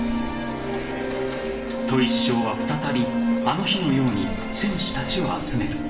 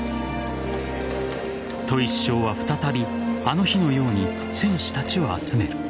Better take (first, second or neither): second